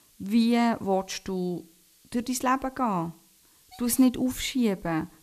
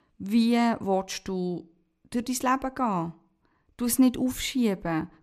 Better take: second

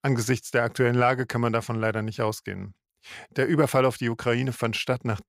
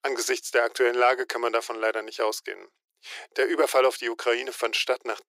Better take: first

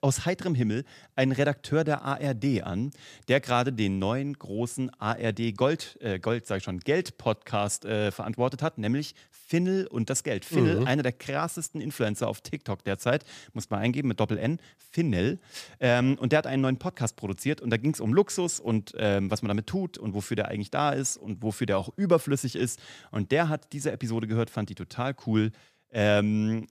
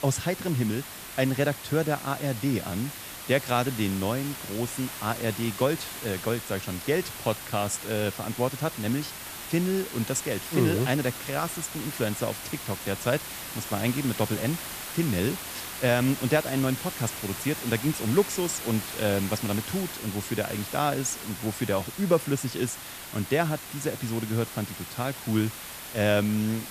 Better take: first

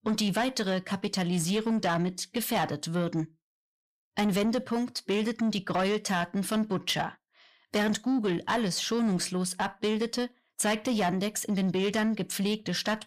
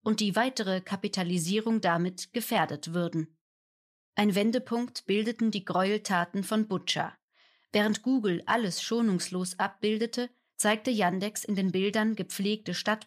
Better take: second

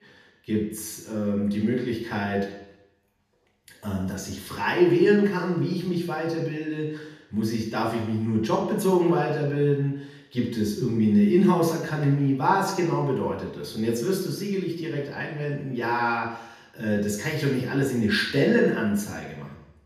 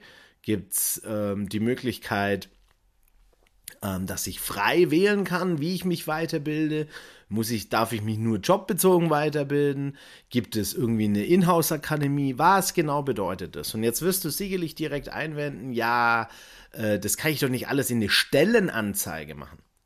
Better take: second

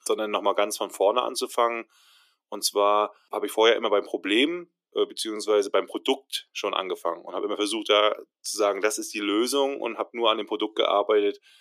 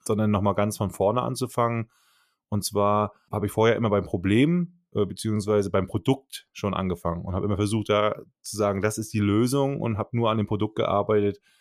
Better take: second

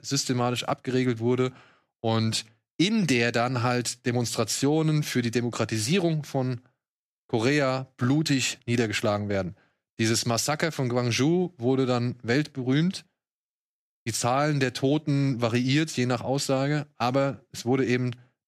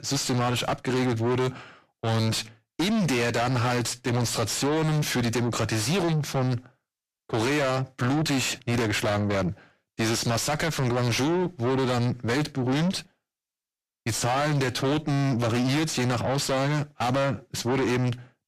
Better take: first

